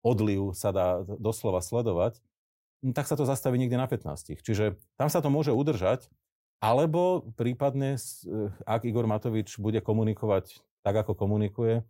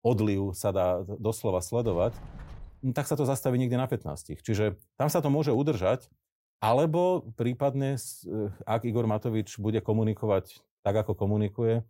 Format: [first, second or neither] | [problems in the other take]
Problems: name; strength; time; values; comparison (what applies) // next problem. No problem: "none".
first | door banging; faint; from 2 to 3 s; peak 15 dB below the speech